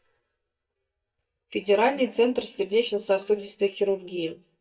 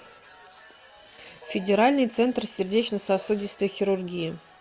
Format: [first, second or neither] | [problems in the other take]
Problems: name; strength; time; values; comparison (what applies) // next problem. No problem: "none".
second | noise reduction (neural mask model DeepFilterNet 3)